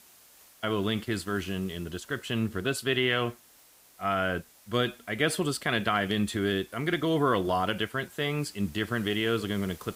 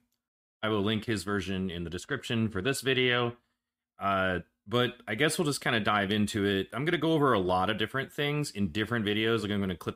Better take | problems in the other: second | hiss; faint; throughout; 25 dB below the speech

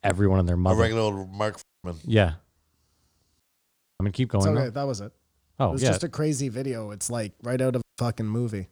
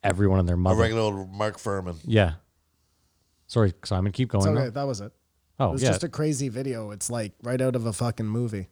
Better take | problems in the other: second | audio cutting out; at 1.5 s, at 3.5 s for 0.5 s and at 8 s

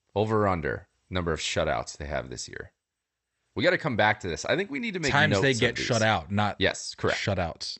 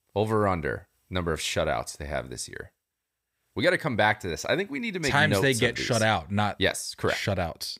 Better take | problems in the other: second | garbled, watery; slightly; nothing above 8 kHz

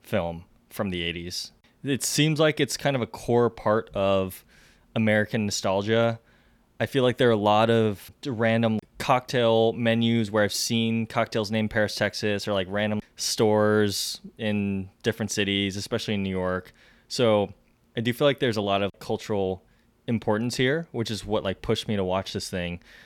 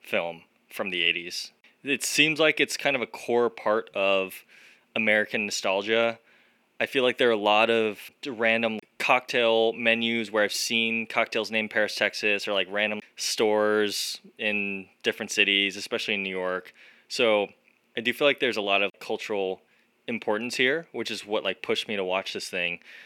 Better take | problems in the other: first | thin; very slightly; fading below 350 Hz

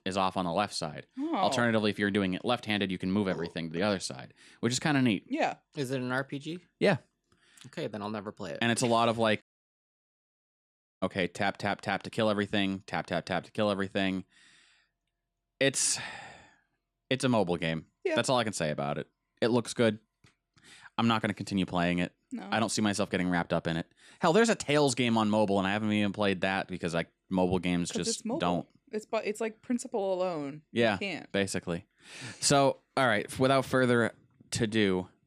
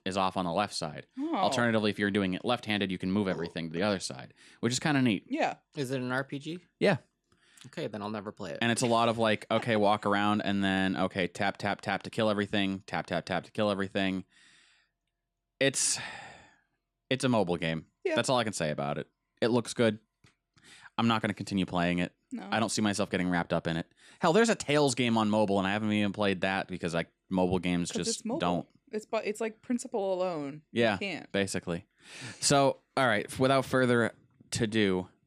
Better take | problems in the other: second | audio cutting out; at 9.5 s for 1.5 s

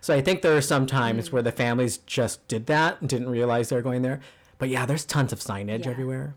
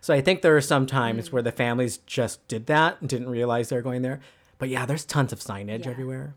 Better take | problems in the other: second | distortion; slight; 10 dB below the speech

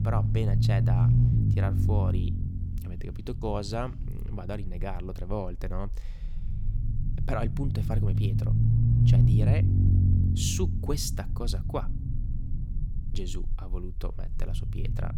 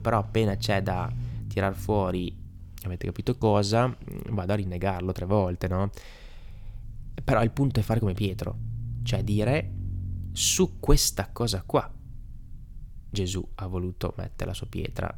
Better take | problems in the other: second | low rumble; loud; throughout; 1 dB below the speech; faint in the second

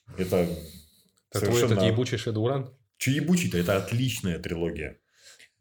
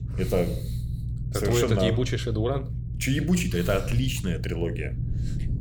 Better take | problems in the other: first | low rumble; noticeable; throughout; 15 dB below the speech

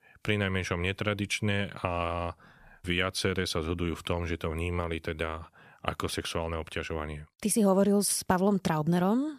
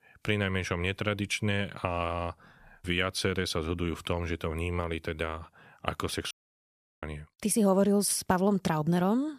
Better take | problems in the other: first | audio cutting out; at 6.5 s for 0.5 s

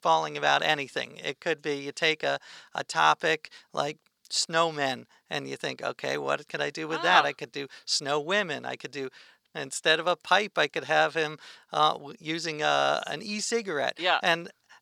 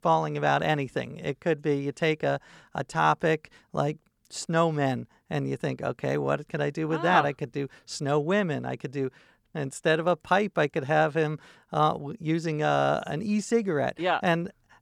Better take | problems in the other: second | thin; somewhat; fading below 1 kHz

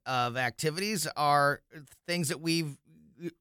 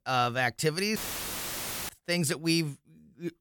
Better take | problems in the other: first | audio cutting out; filled with static; at 1 s for 1 s

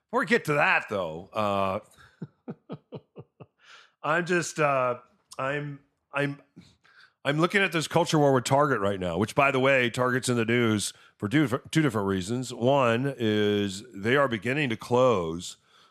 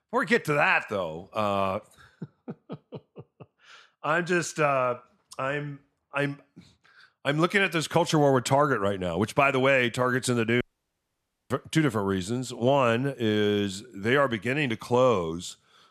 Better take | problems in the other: first | audio cutting out; at 11 s for 1 s

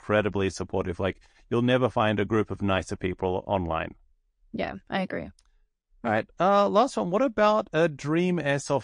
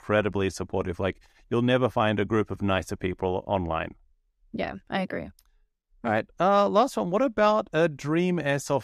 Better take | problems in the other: second | garbled, watery; slightly

